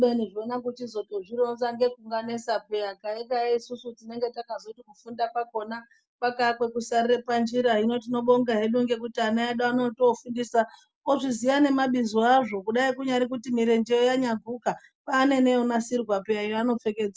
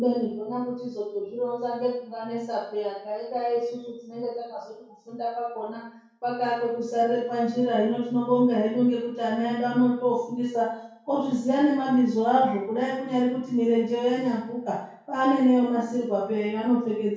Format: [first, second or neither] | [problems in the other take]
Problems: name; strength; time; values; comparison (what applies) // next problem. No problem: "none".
first | room echo; dies away in 0.6 s